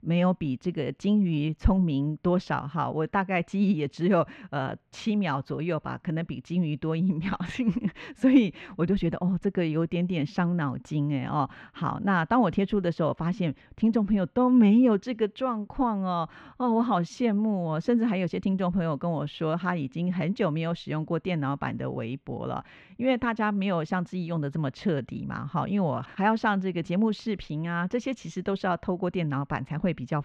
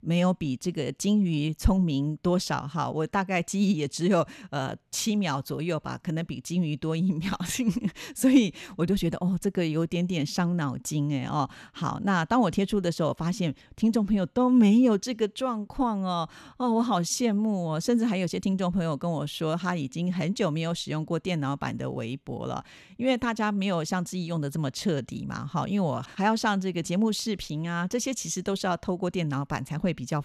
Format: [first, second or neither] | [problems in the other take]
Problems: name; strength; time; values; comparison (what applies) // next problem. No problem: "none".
second | muffled; very; fading above 2 kHz